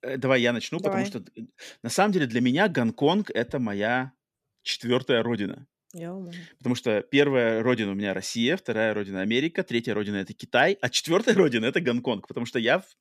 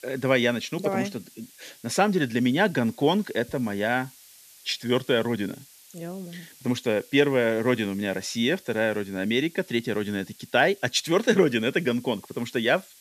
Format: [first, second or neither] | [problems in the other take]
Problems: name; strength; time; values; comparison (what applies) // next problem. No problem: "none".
first | hiss; faint; throughout; 25 dB below the speech